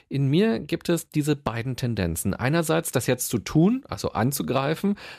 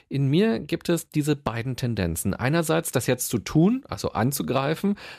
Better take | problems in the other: neither | none

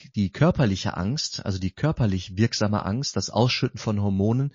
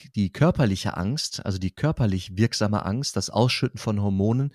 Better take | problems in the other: second | garbled, watery; slightly; nothing above 7 kHz

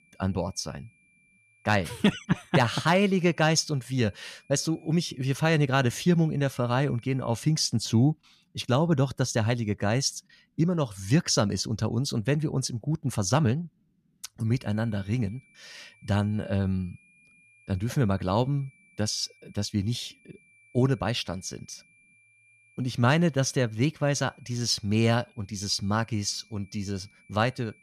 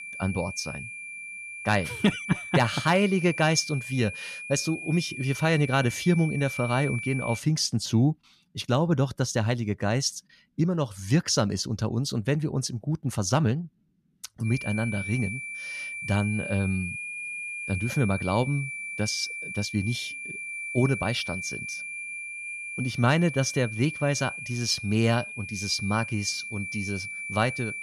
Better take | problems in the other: first | high-pitched whine; loud; until 7.5 s and from 14 s on; 2.5 kHz, 7 dB below the speech; faint in the first

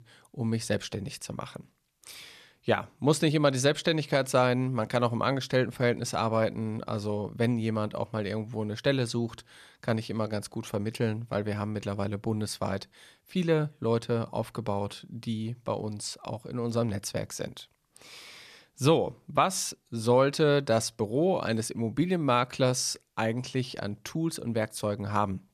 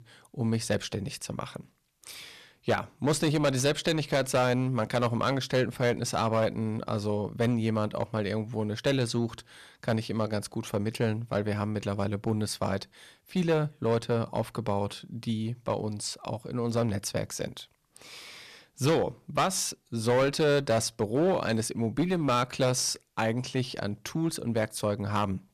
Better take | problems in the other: first | distortion; slight; 6% of the sound clipped

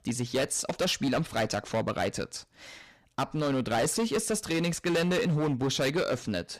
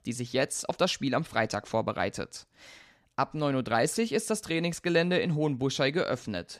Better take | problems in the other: second | distortion; heavy; 14% of the sound clipped

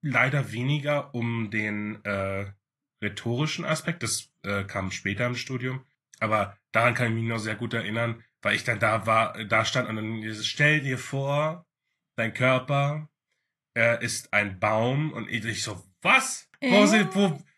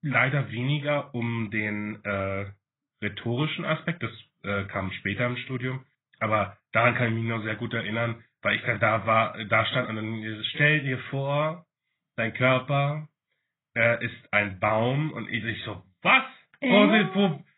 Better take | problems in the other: first | garbled, watery; badly; nothing above 3.5 kHz; slightly in the first

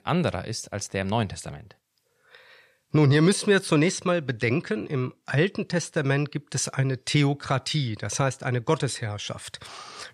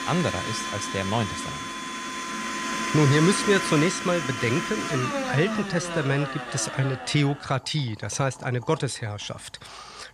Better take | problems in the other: first | household noises; loud; throughout; 4 dB below the speech

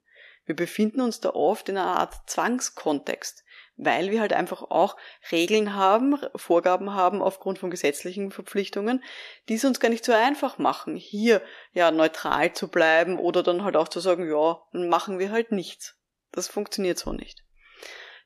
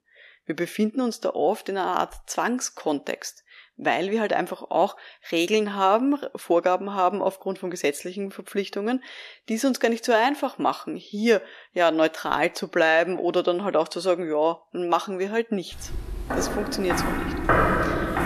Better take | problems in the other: first | footsteps; loud; from 16 s on; peak 5 dB above the speech

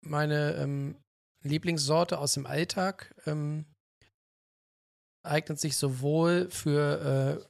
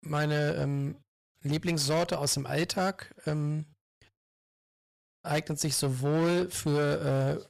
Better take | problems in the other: first | distortion; slight; 12% of the sound clipped

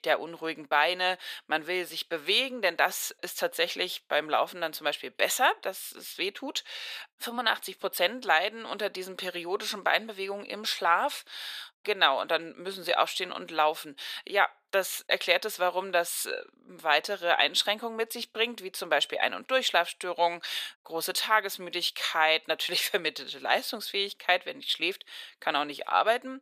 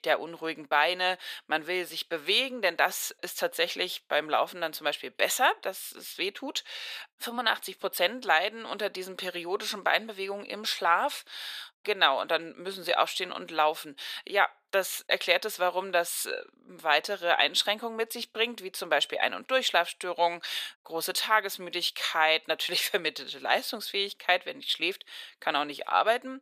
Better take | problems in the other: neither | thin; very; fading below 650 Hz; the same in both

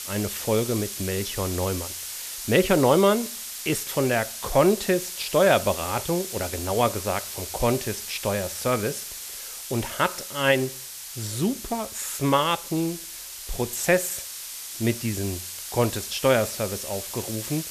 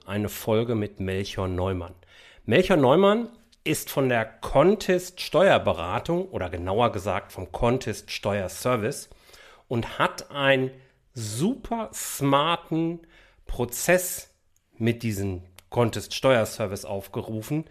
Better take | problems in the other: second | hiss; loud; throughout; 8 dB below the speech

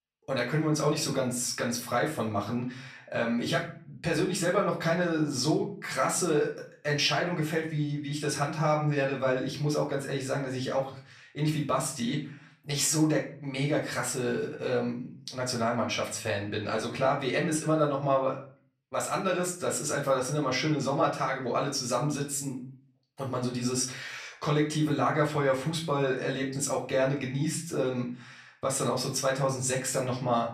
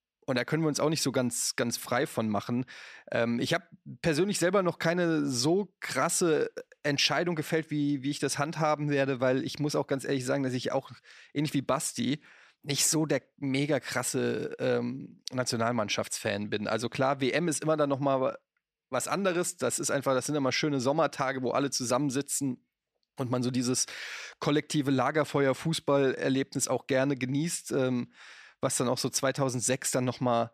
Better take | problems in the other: second | room echo; slight; dies away in 0.4 s // off-mic speech; far

